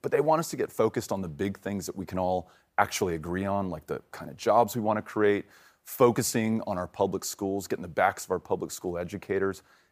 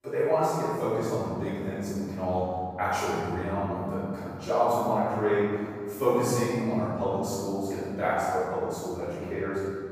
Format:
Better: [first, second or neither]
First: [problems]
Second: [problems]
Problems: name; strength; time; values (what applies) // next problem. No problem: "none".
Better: first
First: none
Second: off-mic speech; far // room echo; strong; dies away in 2.4 s